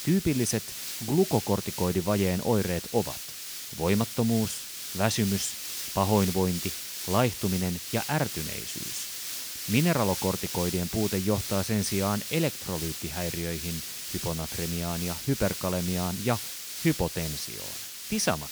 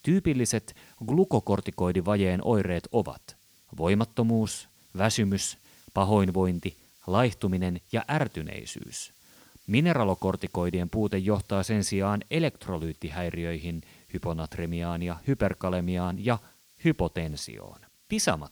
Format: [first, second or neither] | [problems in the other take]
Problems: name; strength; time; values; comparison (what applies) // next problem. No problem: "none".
second | hiss; loud; throughout; 4 dB below the speech; faint in the second